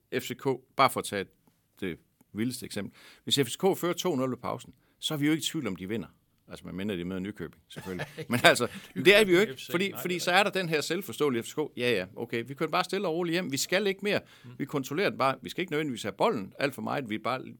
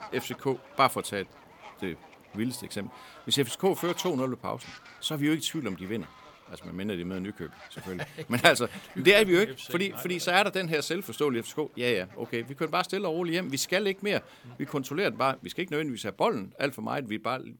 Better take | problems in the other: first | animal sounds; faint; throughout; 20 dB below the speech

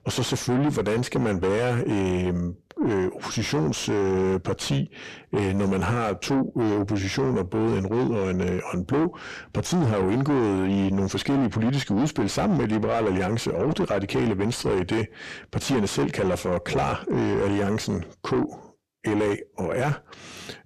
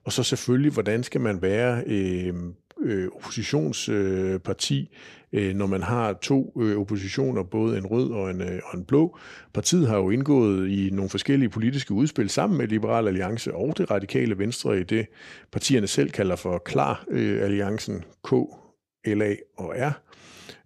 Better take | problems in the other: second | distortion; heavy; 6 dB below the speech

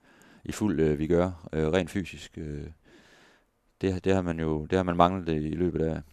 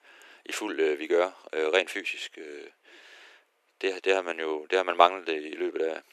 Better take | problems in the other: first | thin; very; fading below 350 Hz

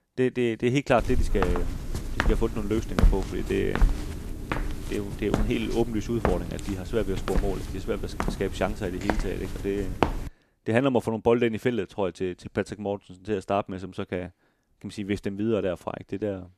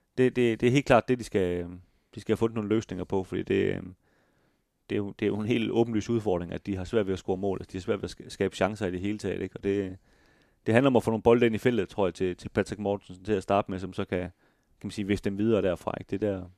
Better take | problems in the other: second | footsteps; loud; from 1 to 10 s; peak 3 dB above the speech

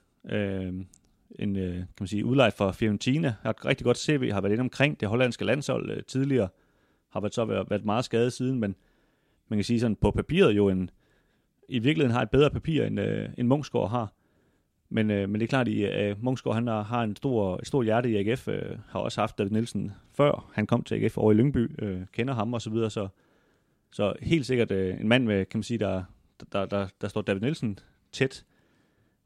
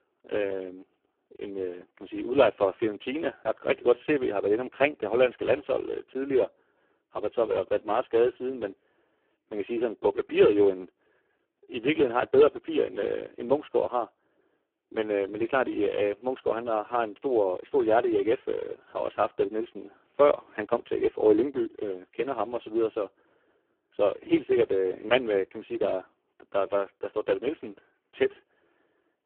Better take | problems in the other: first | phone-call audio; poor line

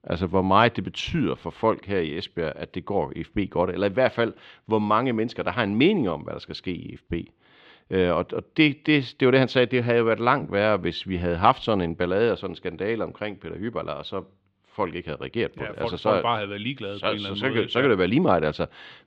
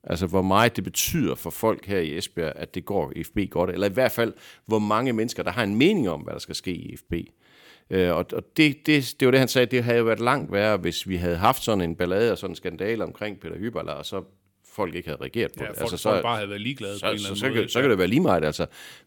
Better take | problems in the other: second | muffled; slightly; fading above 3.5 kHz

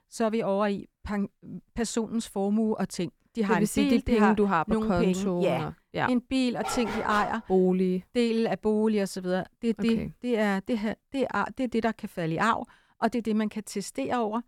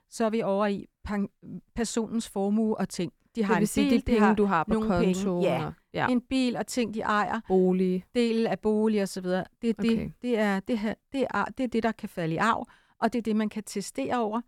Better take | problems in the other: second | dog barking; noticeable; at 6.5 s; peak 6 dB below the speech

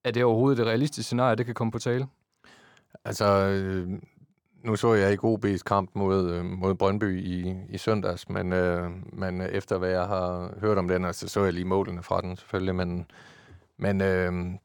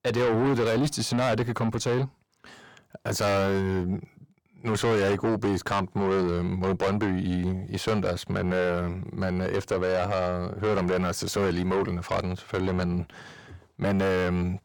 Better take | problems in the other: first | distortion; heavy; 6 dB below the speech

